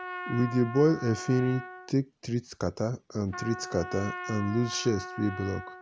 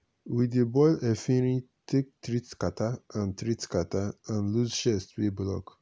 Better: second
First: background sound (Trumpet); 12 dB below the speech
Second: none

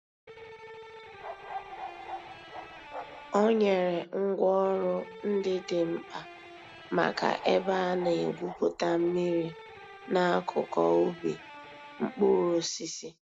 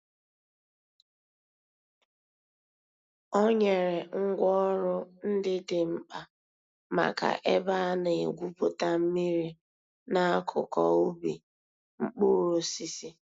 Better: second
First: background sound (Bark + Electric guitar); 14 dB below the speech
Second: none

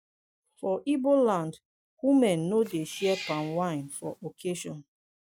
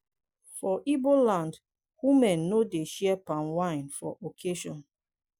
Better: second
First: noise reduction (neural mask model RNNoise)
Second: none

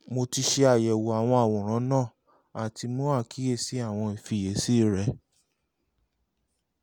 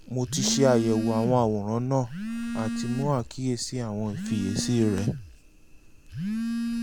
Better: first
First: none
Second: background sound (Telephone); 5 dB below the speech

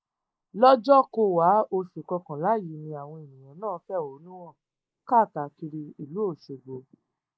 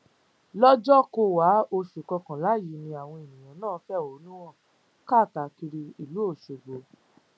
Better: second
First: noise reduction (neural mask model Resemble Enhance denoiser)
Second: none

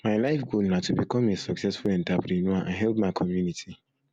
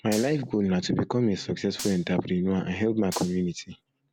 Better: first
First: none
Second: background sound (Gunshot, gunfire); 17 dB below the speech

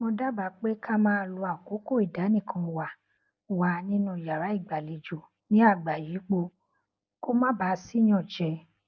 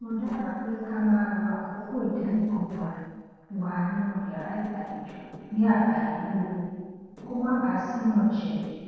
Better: first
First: none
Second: noise reduction (neural separator model SepFormer DNS4)

